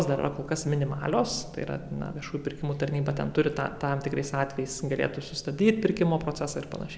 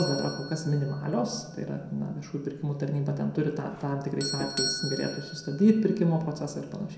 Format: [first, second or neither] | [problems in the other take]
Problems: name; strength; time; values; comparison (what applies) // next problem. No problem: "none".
first | background sound (Doorbell); 11 dB below the speech // room echo; dies away in 0.6 s